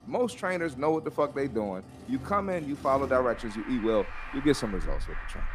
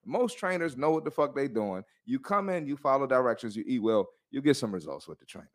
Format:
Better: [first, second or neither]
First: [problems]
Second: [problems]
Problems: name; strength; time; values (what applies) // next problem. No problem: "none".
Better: second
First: traffic noise; noticeable; throughout; 15 dB below the speech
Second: none